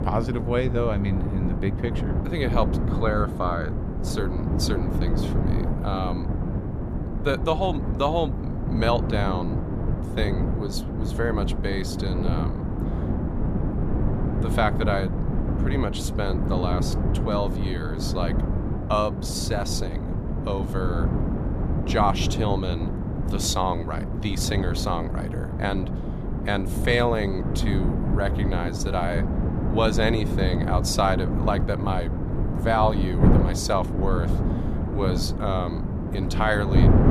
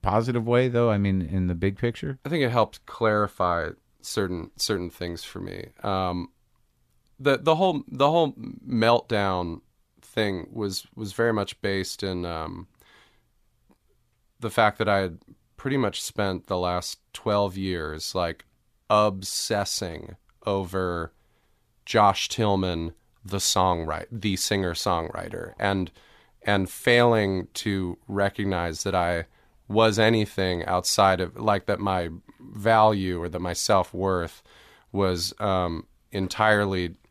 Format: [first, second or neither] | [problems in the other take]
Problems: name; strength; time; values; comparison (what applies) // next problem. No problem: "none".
second | wind noise on the microphone; heavy; 7 dB below the speech